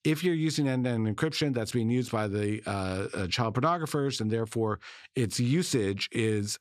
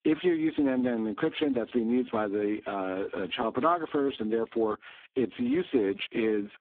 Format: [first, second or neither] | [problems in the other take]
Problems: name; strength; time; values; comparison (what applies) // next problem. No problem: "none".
first | phone-call audio; poor line